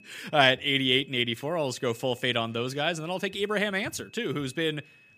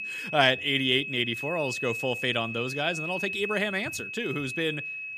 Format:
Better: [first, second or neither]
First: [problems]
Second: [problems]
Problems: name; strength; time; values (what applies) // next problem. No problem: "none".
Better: first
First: high-pitched whine; faint; throughout; 2.5 kHz, 30 dB below the speech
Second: high-pitched whine; loud; throughout; 2.5 kHz, 5 dB below the speech